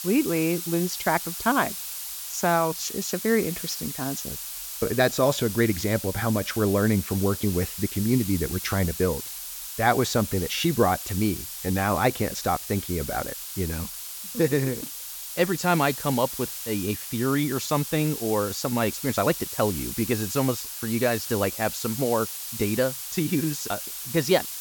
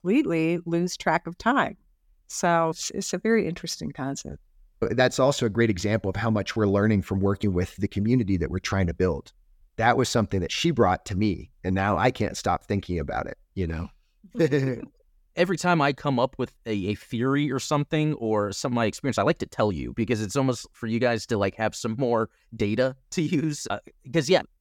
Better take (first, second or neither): second